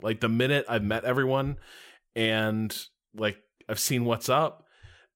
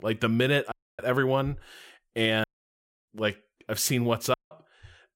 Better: first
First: none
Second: audio cutting out; at 0.5 s, at 2.5 s for 0.5 s and at 4.5 s

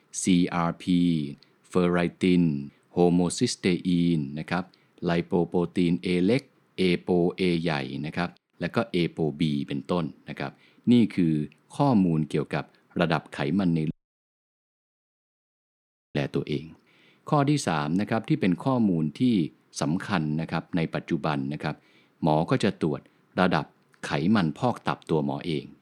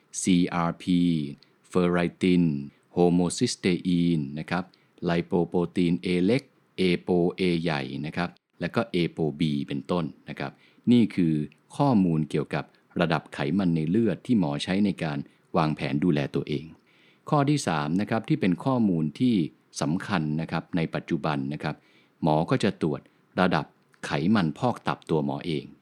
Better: second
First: audio cutting out; at 14 s for 2 s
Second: none

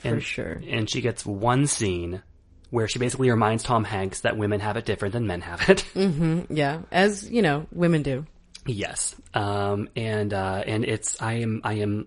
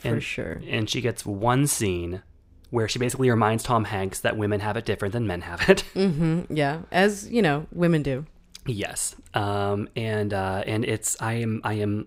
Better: second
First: garbled, watery; slightly; nothing above 10.5 kHz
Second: none

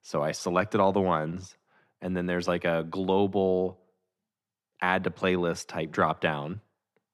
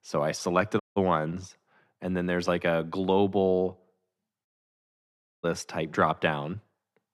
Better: first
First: none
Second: audio cutting out; at 1 s and at 4.5 s for 1 s

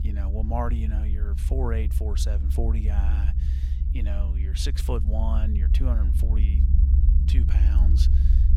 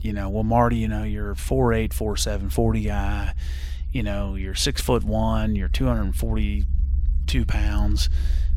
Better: second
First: low rumble; loud; throughout; 5 dB below the speech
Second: low rumble; faint; throughout; 20 dB below the speech

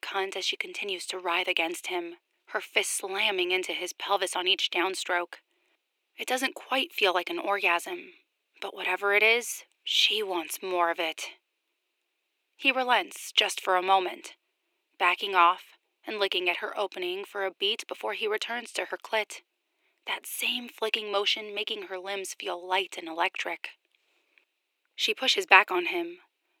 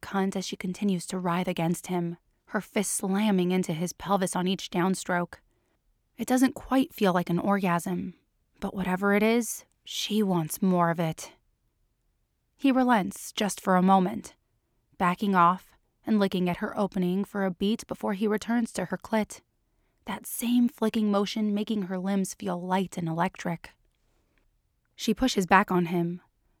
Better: second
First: thin; very; fading below 350 Hz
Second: none

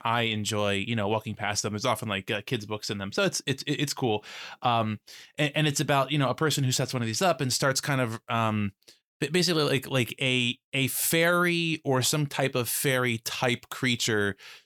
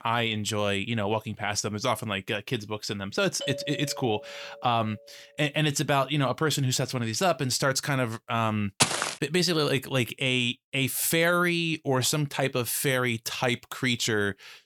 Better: first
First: none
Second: doorbell; noticeable; from 3.5 to 5 s; peak 9 dB below the speech // footsteps; loud; at 9 s; peak 3 dB above the speech

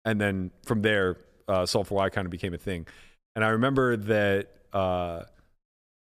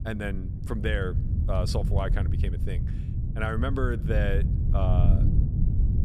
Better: first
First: none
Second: wind noise on the microphone; heavy; 8 dB below the speech

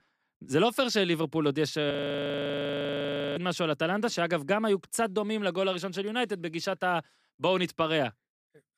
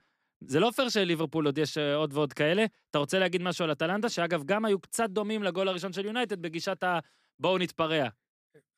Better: second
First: audio freezing; at 2 s for 1.5 s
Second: none

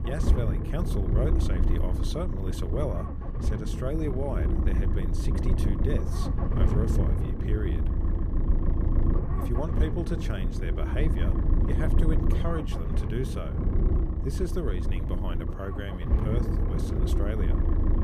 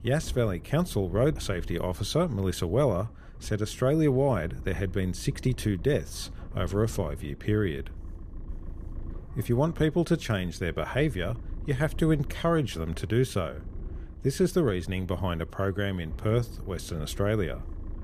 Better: second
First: low rumble; loud; throughout; 1 dB below the speech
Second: low rumble; faint; throughout; 25 dB below the speech

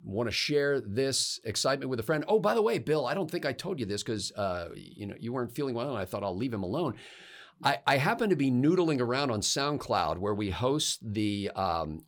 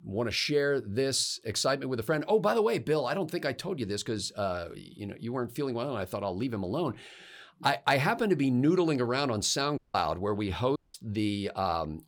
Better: first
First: none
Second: audio cutting out; at 10 s and at 11 s

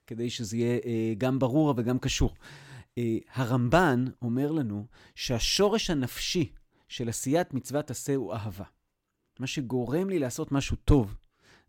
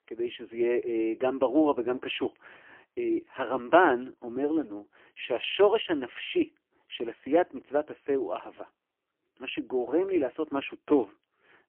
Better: first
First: none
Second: phone-call audio; poor line; nothing above 3 kHz

